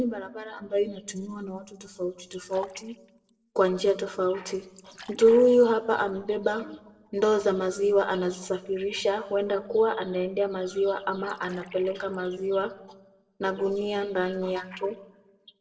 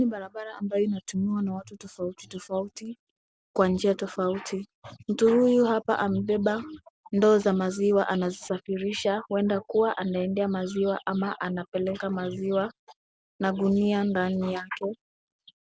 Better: second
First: noise reduction (neural separator model SepFormer DNS4)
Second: none

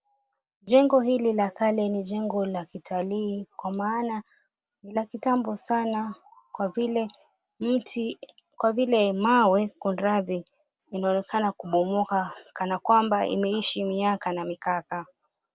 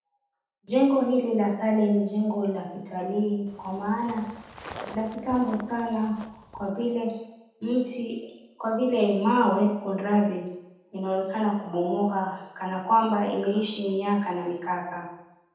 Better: first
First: none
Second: background sound (Walk, footsteps); 17 dB below the speech // room echo; dies away in 0.8 s

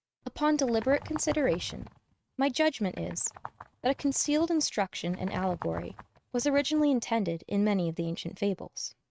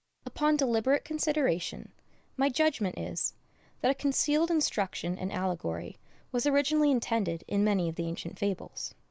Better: second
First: noise reduction (neural mask model RNNoise)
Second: none

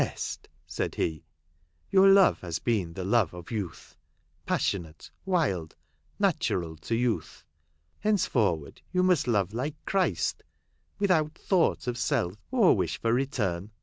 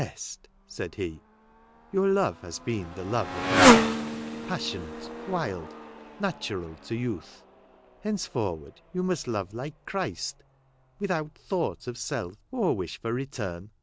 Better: first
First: none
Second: background sound (Motorcycle); 1 dB above the speech

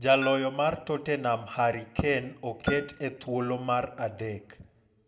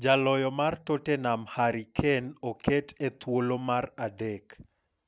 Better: second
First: background sound (Bell); 17 dB below the speech // room echo; dies away in 0.7 s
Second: none

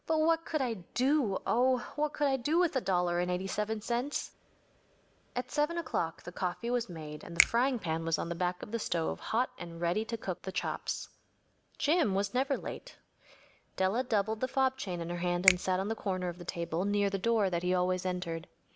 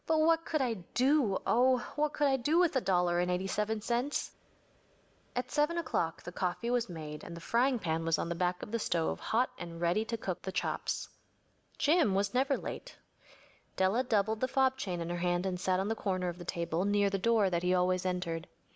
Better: second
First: background sound (Finger snapping); 3 dB below the speech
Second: none

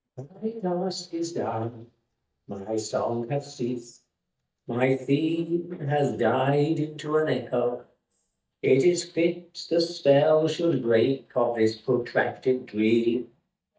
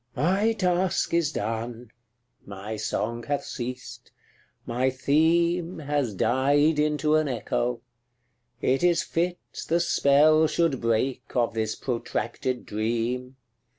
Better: second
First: noise reduction (neural mask model DeepFilterNet 3)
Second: none

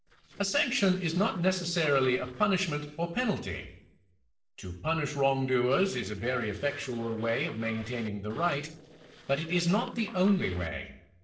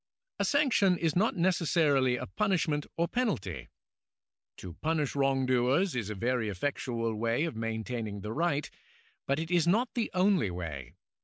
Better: second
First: noise reduction (neural separator model SepFormer DNS4)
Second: none

